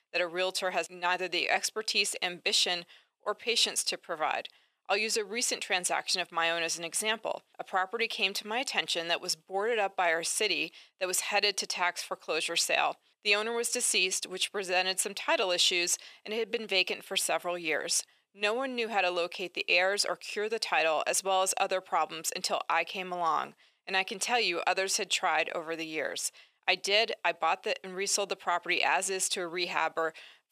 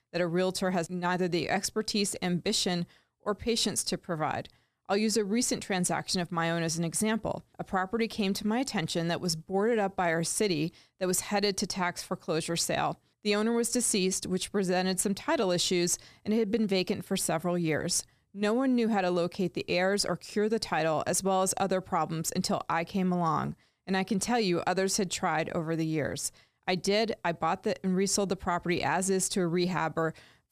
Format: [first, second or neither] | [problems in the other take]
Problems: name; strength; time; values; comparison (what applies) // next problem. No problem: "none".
second | thin; very; fading below 600 Hz